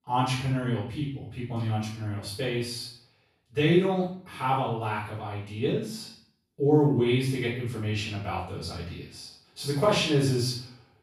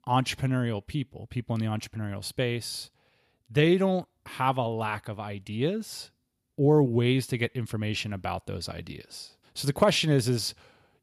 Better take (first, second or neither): second